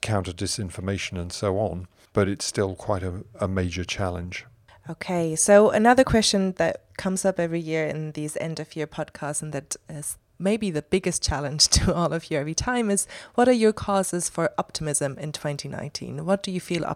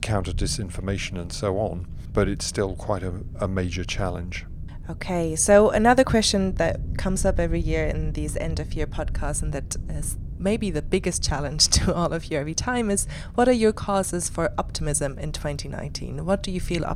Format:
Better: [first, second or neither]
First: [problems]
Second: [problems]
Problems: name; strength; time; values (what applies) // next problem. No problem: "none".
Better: first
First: none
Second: low rumble; faint; throughout; 25 dB below the speech